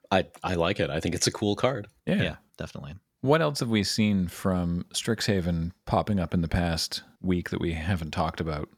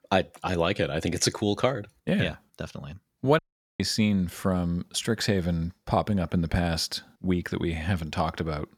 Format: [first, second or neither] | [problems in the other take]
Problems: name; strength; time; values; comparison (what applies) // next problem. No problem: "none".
first | audio cutting out; at 3.5 s